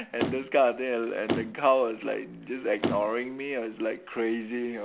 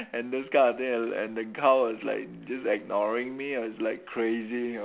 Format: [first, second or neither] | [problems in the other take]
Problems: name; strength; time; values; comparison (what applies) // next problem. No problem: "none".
second | background sound (Motor vehicle (road)); 7 dB below the speech